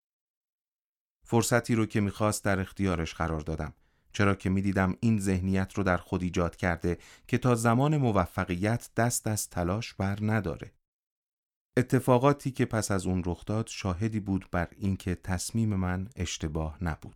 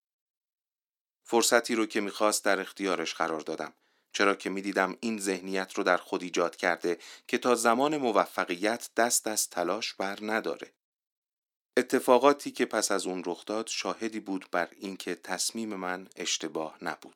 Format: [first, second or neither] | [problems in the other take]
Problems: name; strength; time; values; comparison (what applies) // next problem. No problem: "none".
first | thin; somewhat; fading below 300 Hz